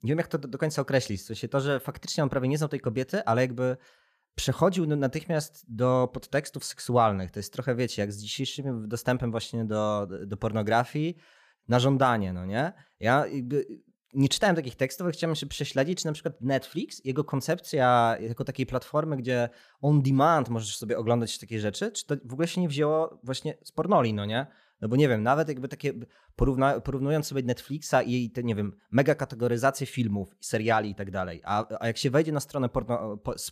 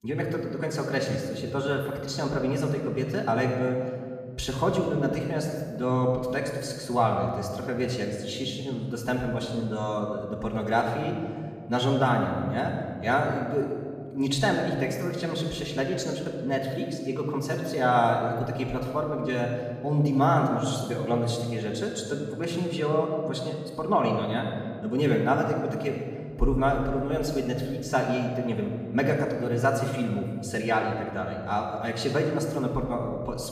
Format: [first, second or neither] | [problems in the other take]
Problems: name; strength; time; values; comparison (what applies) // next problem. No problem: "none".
first | off-mic speech; far // room echo; noticeable; dies away in 1.9 s